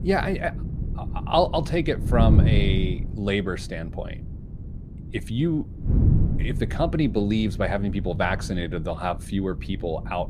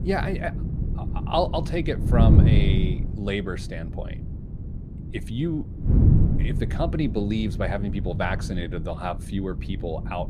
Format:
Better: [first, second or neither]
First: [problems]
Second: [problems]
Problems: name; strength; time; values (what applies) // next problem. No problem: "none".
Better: first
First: wind noise on the microphone; occasional gusts; 10 dB below the speech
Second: wind noise on the microphone; heavy; 6 dB below the speech